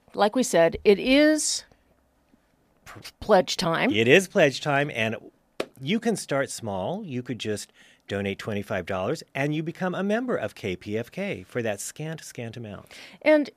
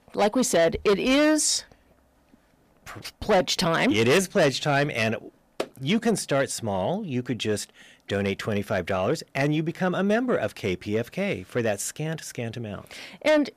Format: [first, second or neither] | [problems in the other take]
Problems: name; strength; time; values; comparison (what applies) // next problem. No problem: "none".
first | distortion; heavy; 8 dB below the speech